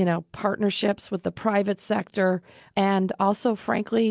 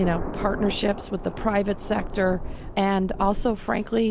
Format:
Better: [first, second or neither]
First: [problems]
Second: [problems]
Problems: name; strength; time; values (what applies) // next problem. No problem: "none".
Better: first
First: none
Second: background sound (Thunder); 7 dB below the speech